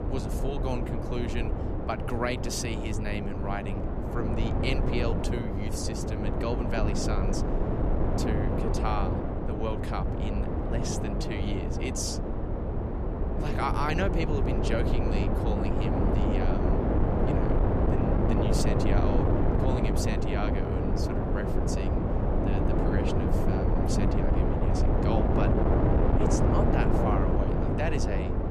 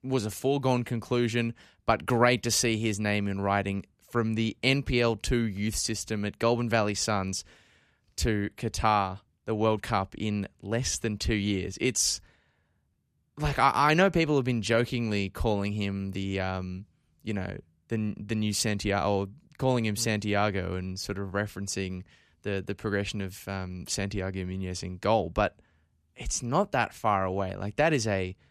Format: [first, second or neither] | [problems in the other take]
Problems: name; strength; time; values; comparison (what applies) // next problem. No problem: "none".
second | wind noise on the microphone; heavy; 3 dB above the speech